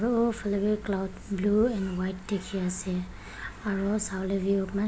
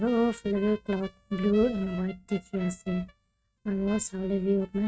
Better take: first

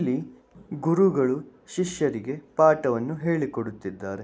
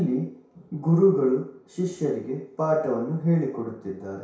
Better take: first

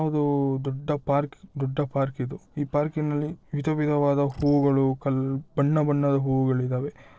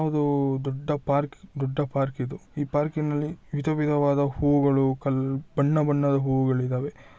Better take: second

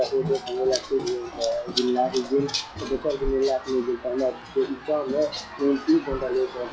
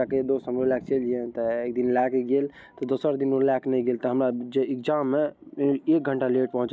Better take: second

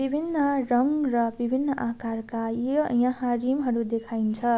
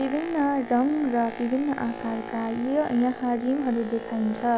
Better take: first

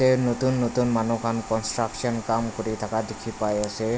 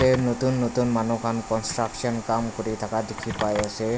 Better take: first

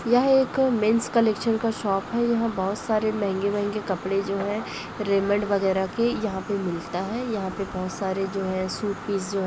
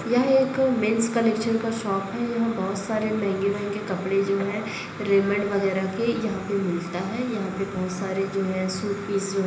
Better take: first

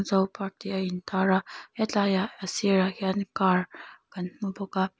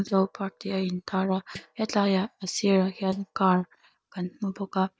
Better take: first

